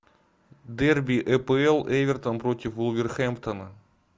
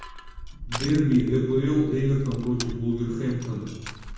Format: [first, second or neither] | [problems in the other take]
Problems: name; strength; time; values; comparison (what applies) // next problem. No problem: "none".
first | background sound (Crushing); 12 dB below the speech // room echo; dies away in 1.1 s